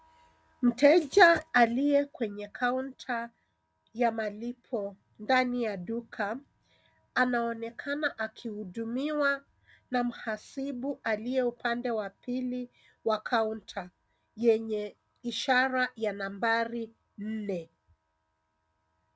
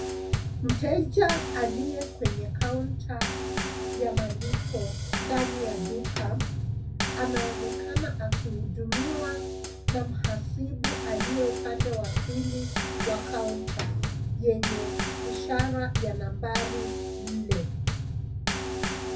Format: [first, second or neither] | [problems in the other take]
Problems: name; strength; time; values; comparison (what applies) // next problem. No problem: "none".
first | background sound (Bass drum / Snare drum / Drum kit); 3 dB above the speech // room echo; dies away in 0.3 s